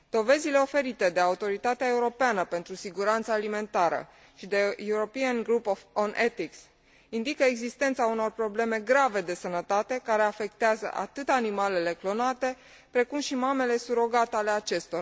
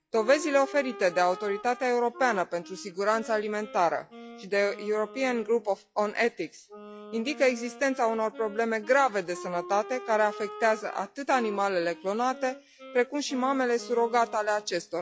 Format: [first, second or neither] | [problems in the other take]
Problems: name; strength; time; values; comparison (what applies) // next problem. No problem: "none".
first | noise reduction (classical method log-MMSE)